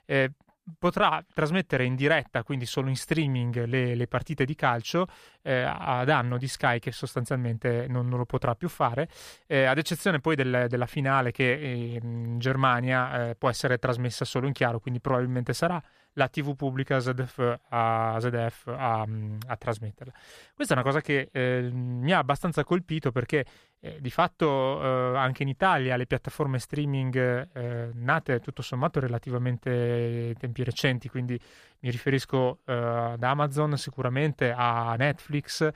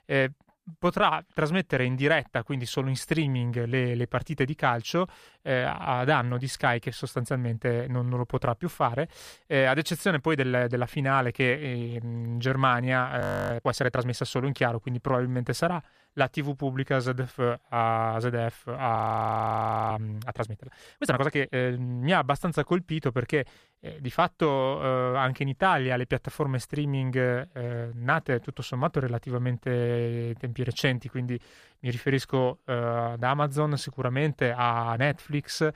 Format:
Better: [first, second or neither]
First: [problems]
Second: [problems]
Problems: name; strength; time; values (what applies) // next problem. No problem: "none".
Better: first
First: none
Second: audio freezing; at 13 s and at 19 s for 1 s